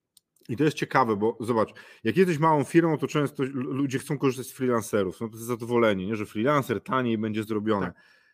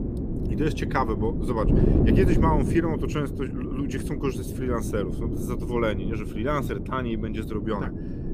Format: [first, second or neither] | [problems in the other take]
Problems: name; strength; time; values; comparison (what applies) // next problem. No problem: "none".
first | wind noise on the microphone; heavy; 4 dB below the speech